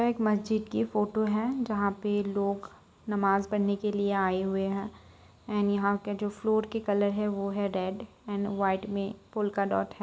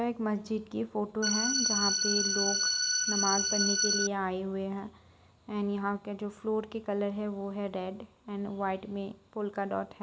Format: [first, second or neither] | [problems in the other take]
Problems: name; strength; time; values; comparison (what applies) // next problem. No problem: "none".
first | background sound (Organ); 5 dB above the speech